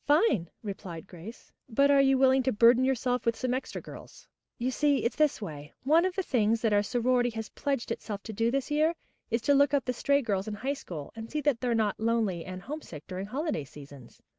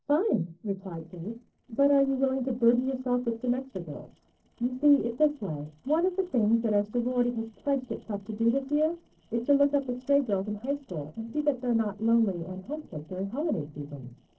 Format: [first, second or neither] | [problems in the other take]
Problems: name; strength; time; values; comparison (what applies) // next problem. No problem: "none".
first | noise reduction (neural separator model SepFormer DNS4)